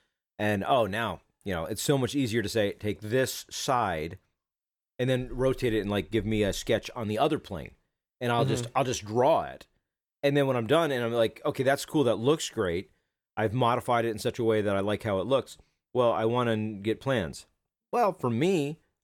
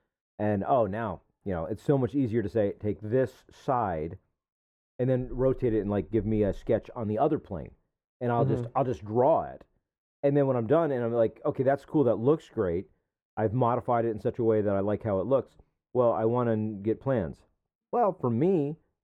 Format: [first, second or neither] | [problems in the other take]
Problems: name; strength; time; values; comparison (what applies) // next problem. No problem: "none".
first | muffled; very; fading above 2 kHz